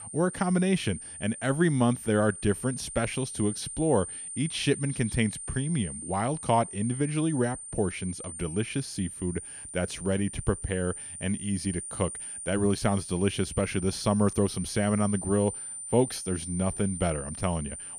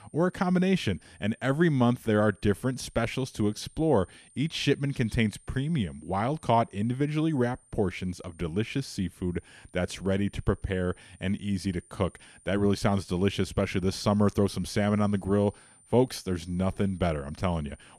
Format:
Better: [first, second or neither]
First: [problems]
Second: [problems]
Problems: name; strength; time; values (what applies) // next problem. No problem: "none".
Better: second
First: high-pitched whine; loud; throughout; 9 kHz, 8 dB below the speech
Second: high-pitched whine; faint; throughout; 9 kHz, 30 dB below the speech